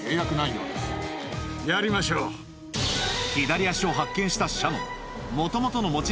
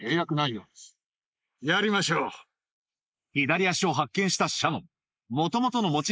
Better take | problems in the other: first | noise reduction (neural mask model Resemble Enhance denoiser)

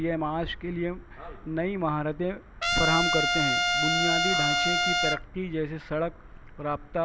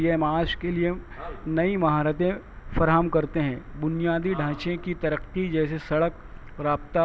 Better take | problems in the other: second | background sound (Trumpet); 5 dB above the speech

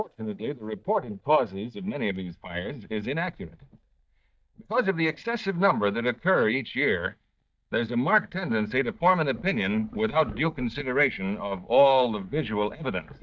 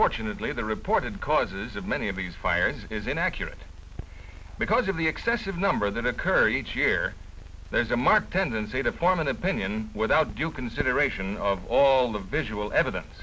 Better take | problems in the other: second | noise reduction (neural mask model DeepFilterNet 3)

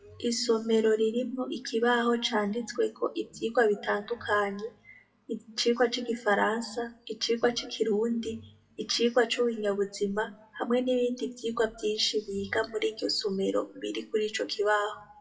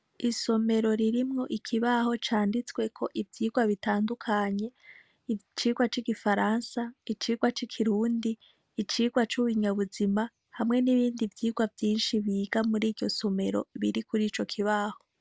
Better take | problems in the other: second | noise reduction (classical method WPE with log-MMSE)

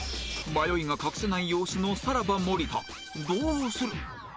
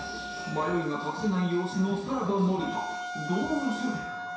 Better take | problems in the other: first | background sound (Wind instrument, woodwind instrument); 8 dB below the speech // room echo; dies away in 0.7 s

